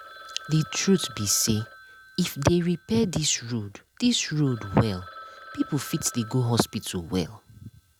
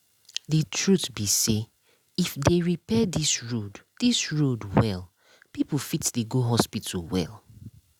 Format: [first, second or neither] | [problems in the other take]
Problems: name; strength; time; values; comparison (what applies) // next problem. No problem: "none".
second | background sound (Telephone); 20 dB below the speech